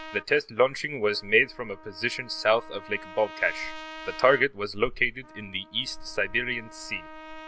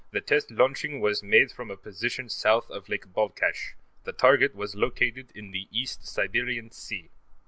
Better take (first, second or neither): second